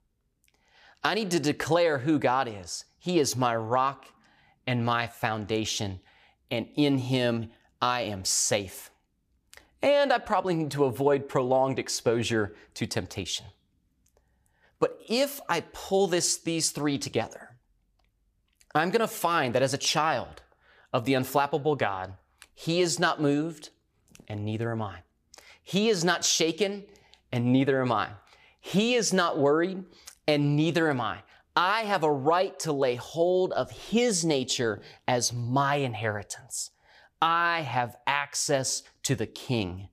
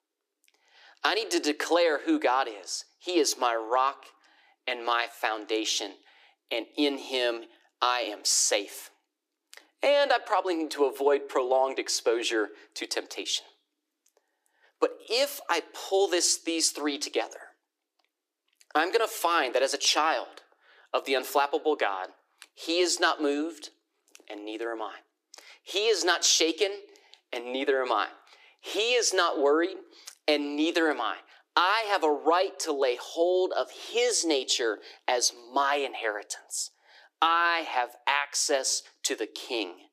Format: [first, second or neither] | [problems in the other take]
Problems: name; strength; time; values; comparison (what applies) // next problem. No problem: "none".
first | thin; somewhat; fading below 300 Hz